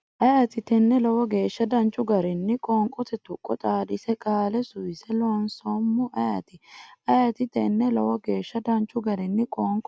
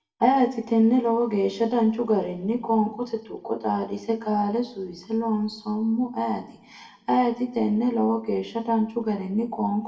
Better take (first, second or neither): first